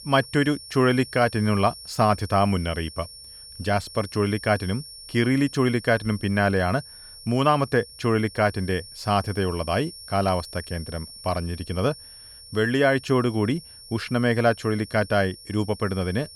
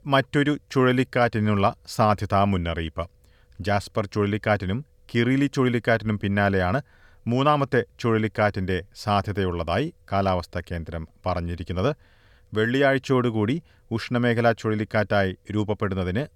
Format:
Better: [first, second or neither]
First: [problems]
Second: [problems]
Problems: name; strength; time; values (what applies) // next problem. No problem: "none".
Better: second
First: high-pitched whine; noticeable; throughout; 5.5 kHz, 15 dB below the speech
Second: none